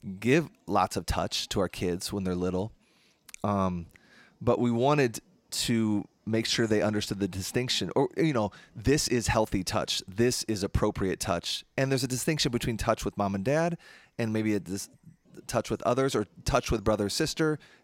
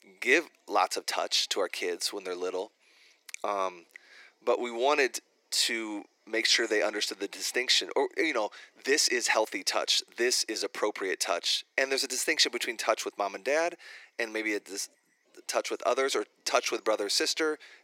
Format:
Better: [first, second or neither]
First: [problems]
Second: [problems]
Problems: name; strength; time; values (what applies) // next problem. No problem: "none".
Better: first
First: none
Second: thin; very; fading below 350 Hz